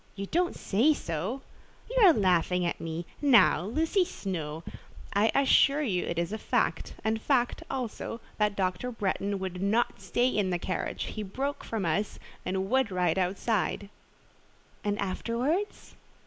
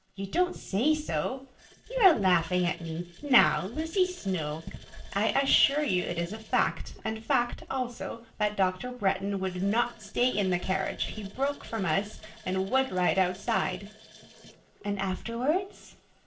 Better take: first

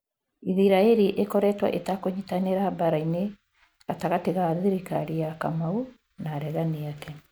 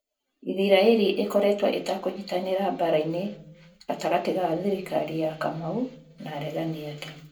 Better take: first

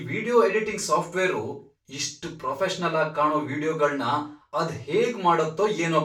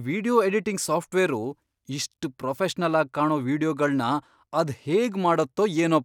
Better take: second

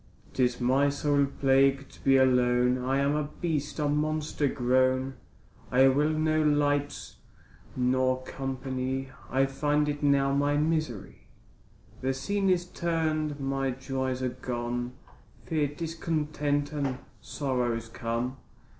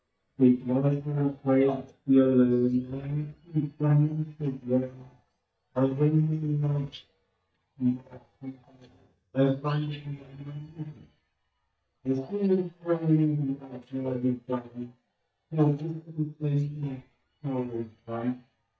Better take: first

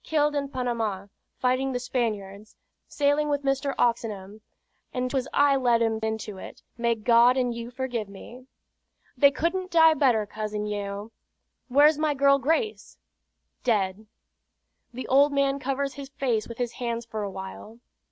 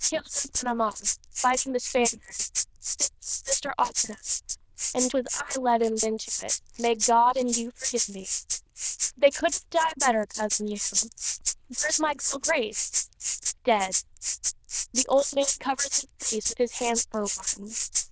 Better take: first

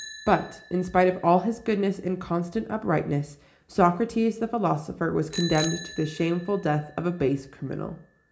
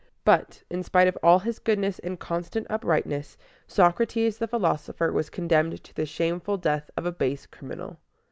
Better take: second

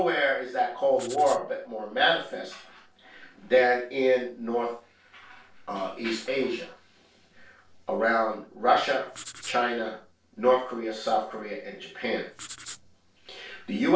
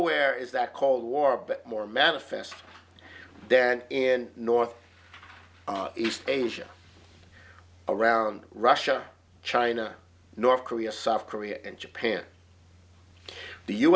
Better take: second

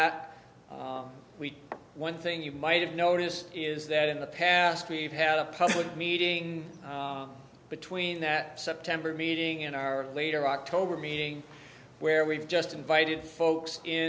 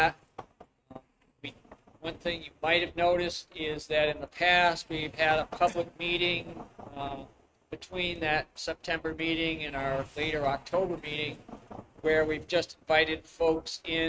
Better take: first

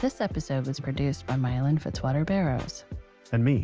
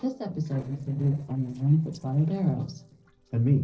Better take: first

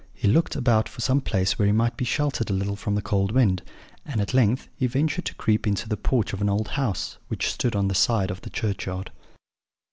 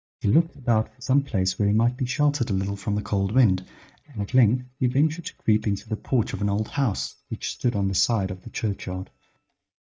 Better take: first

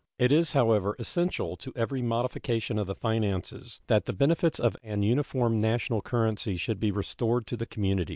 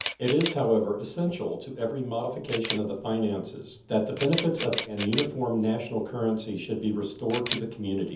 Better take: first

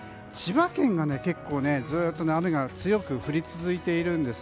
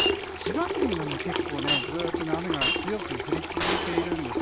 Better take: first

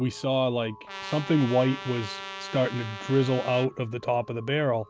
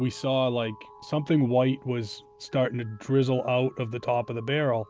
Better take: second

